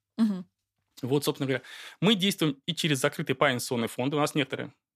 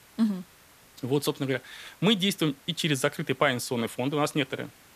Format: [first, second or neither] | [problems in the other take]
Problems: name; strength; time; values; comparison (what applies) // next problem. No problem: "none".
first | hiss; faint; throughout; 25 dB below the speech